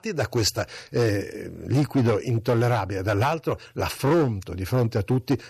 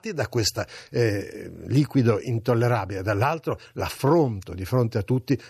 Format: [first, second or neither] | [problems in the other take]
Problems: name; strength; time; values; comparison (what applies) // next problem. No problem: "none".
second | distortion; slight; 7% of the sound clipped